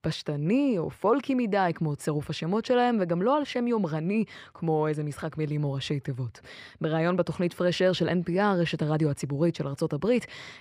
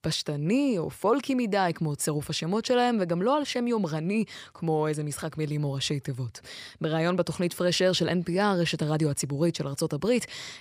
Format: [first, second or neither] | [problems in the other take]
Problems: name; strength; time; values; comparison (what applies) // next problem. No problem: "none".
second | muffled; slightly; fading above 4 kHz